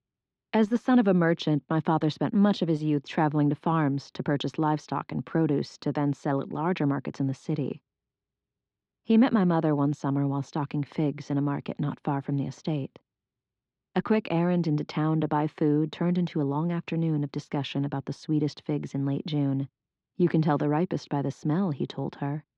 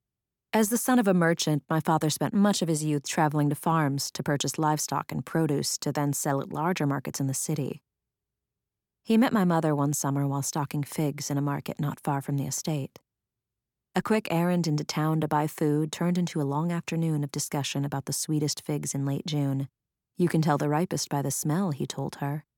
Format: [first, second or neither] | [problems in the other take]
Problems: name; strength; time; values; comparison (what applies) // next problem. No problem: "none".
second | muffled; slightly; fading above 4 kHz